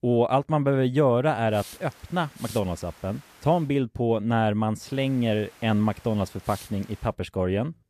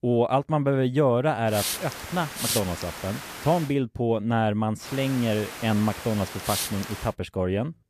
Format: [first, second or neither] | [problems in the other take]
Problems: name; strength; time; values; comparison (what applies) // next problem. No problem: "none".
first | hiss; loud; from 1.5 to 3.5 s and from 5 to 7 s; 6 dB below the speech; faint in the first